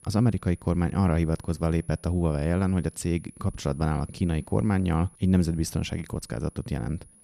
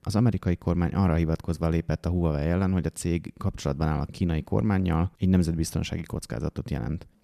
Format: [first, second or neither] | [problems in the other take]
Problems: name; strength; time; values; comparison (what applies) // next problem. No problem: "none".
second | high-pitched whine; faint; throughout; 10.5 kHz, 25 dB below the speech